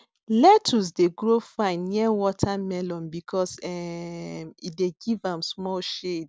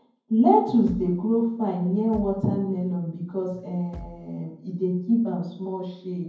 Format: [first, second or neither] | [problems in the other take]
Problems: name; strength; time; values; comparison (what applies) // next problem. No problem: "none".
first | background sound (Bass drum); 18 dB below the speech // room echo; dies away in 0.9 s